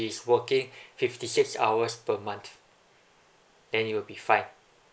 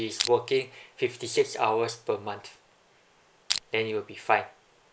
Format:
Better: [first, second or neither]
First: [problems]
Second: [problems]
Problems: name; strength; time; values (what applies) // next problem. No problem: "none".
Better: first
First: none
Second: background sound (Crushing); 2 dB below the speech